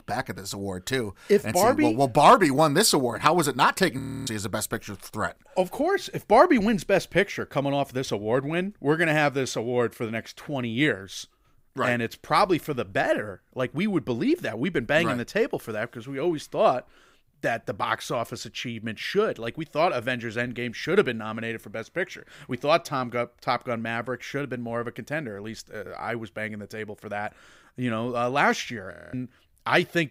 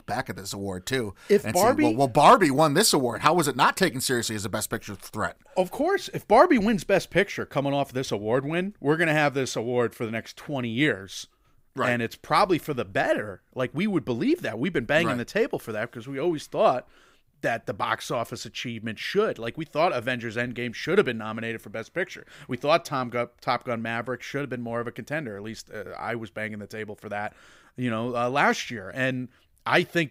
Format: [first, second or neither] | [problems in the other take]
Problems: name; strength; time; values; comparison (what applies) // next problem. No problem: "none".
second | audio freezing; at 4 s and at 29 s